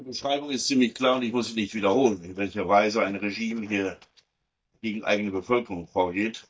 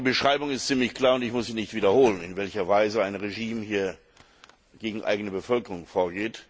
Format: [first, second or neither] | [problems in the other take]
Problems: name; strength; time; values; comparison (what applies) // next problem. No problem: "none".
second | noise reduction (neural mask model DeepFilterNet 3)